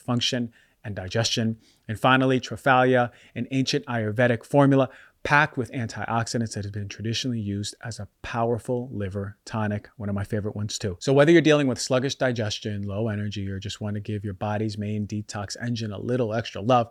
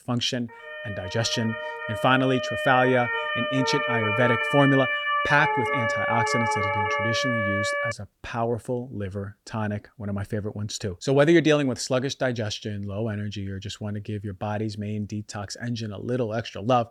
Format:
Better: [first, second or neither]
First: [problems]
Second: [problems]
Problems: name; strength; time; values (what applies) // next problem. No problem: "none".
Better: first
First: none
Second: siren; loud; from 0.5 to 8 s; peak 3 dB above the speech